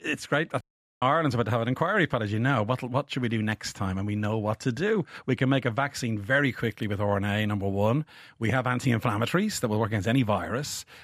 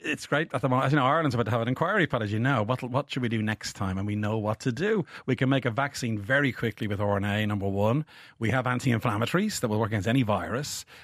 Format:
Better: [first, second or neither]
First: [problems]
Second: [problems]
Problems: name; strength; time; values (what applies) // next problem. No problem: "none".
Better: second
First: audio cutting out; at 0.5 s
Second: none